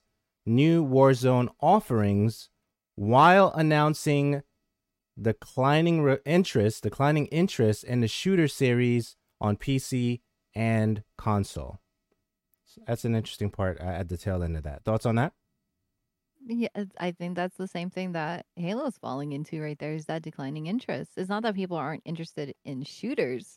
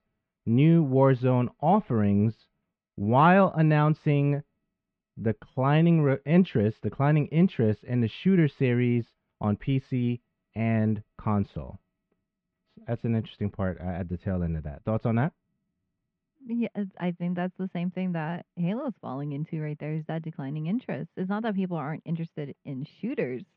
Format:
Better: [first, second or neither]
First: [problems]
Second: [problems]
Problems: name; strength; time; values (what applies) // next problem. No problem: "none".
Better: first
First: none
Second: muffled; very; fading above 3 kHz